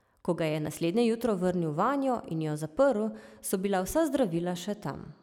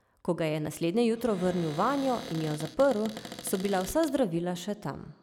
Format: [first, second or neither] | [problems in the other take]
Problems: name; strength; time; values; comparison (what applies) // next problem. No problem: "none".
first | background sound (Cupboard open or close); 14 dB below the speech